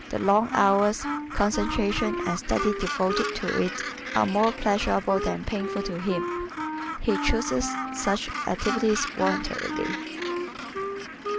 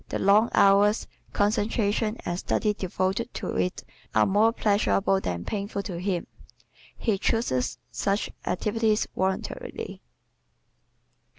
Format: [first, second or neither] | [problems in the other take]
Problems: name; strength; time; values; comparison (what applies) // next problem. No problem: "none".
second | background sound (Wind instrument, woodwind instrument + Gull, seagull); 5 dB below the speech